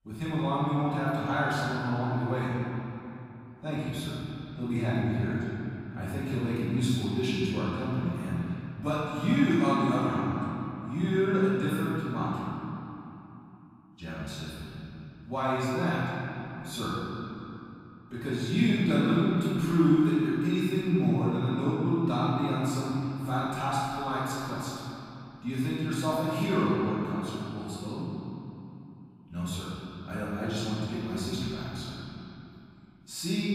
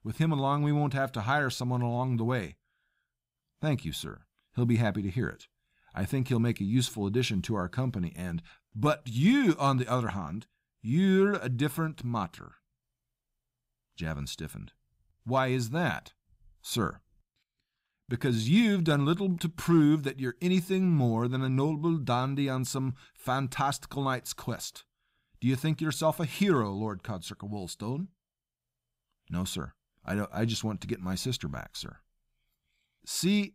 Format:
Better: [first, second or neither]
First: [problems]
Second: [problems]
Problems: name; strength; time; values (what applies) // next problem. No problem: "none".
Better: second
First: off-mic speech; far // room echo; strong; dies away in 2.9 s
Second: none